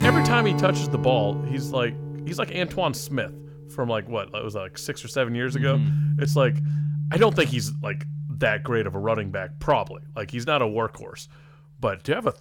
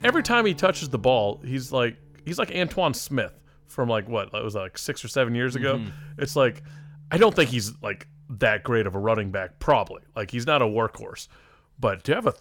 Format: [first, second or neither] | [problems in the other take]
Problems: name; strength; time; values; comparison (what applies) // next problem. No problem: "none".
second | background music; loud; throughout; 2 dB below the speech; faint in the second